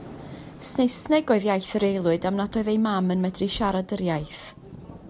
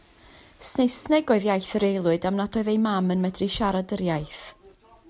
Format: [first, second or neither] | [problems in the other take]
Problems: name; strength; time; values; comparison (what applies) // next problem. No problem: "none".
second | background sound (Thunder); 19 dB below the speech